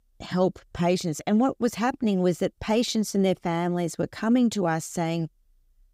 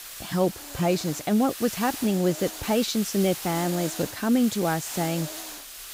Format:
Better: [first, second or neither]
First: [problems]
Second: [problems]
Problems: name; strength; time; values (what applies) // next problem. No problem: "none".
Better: first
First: none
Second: hiss; loud; throughout; 9 dB below the speech